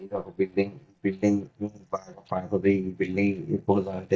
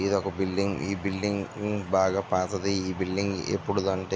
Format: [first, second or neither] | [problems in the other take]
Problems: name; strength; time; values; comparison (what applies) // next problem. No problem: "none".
second | noise reduction (neural mask model DeepFilterNet 3)